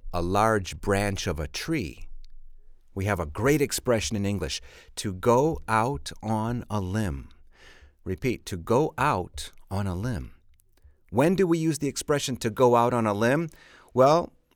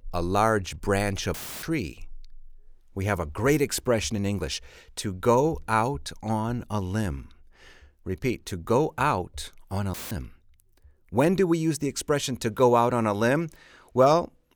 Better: first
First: none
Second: audio cutting out; filled with static; at 1.5 s and at 10 s

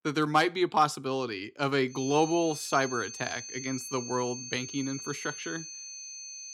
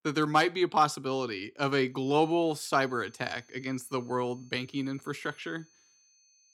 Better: second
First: high-pitched whine; loud; from 2 s on; 6 kHz, 9 dB below the speech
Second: high-pitched whine; faint; from 2 s on; 6 kHz, 30 dB below the speech

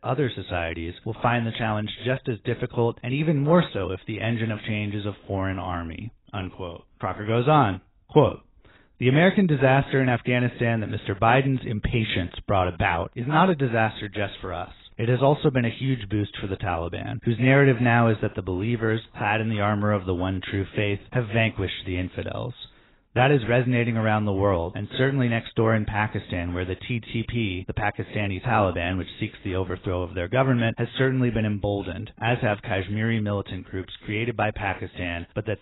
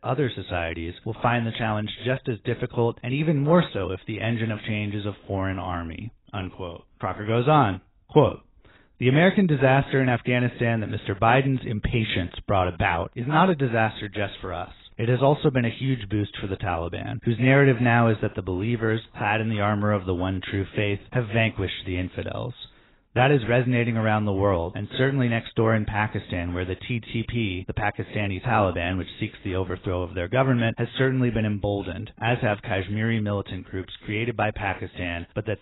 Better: neither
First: garbled, watery; badly; nothing above 4 kHz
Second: garbled, watery; badly; nothing above 4 kHz

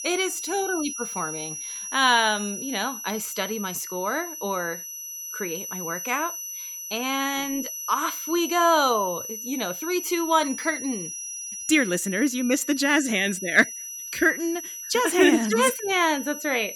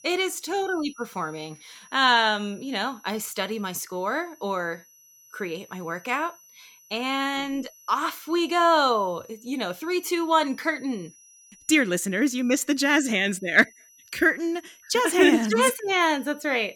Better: second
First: high-pitched whine; loud; throughout; 6 kHz, 8 dB below the speech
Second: high-pitched whine; faint; throughout; 6 kHz, 25 dB below the speech

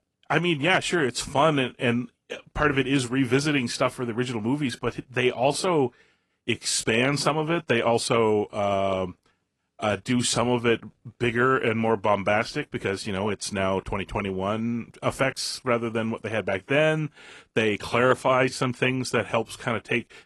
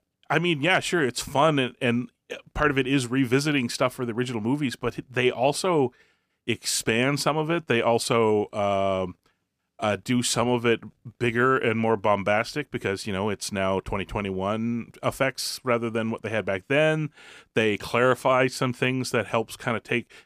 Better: second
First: garbled, watery; slightly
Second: none

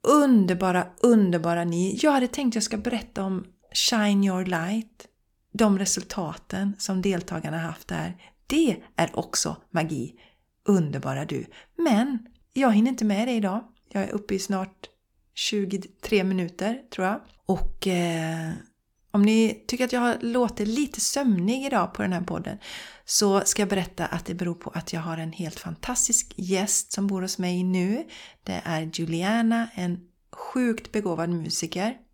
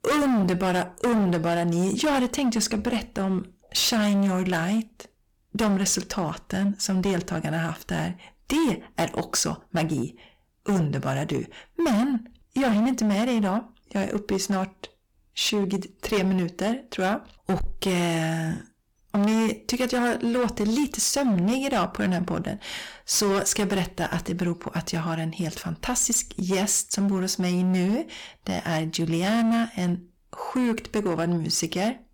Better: first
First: none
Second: distortion; heavy; 15% of the sound clipped

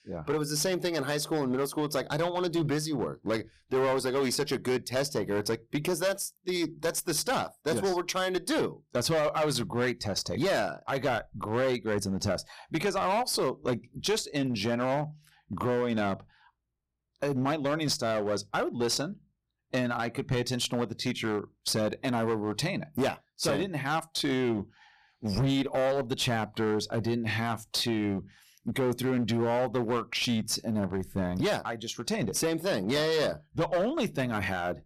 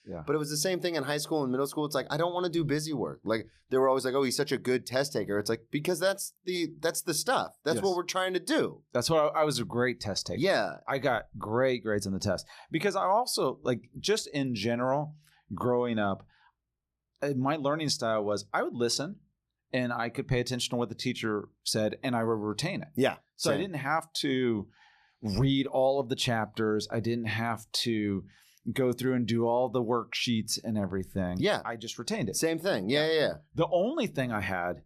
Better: second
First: distortion; slight; 11% of the sound clipped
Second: none

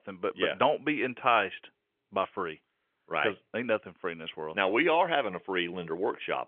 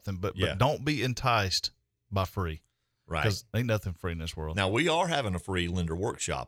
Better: second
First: phone-call audio; nothing above 3.5 kHz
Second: none

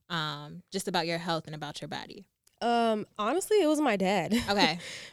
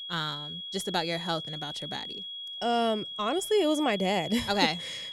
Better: first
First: none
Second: high-pitched whine; loud; throughout; 3.5 kHz, 7 dB below the speech

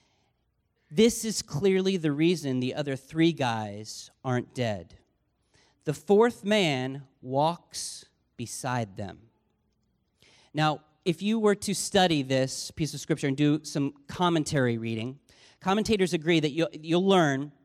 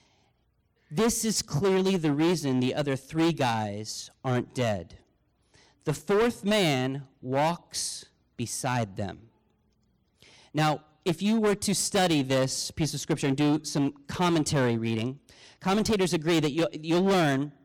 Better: first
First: none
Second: distortion; heavy; 11% of the sound clipped

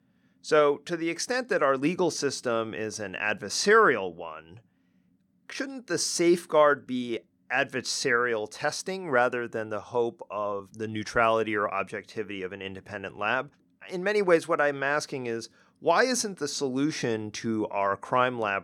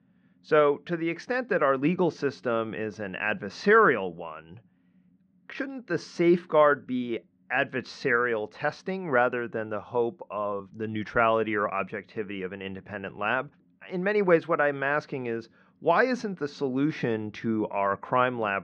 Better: first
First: none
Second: muffled; slightly; fading above 3 kHz

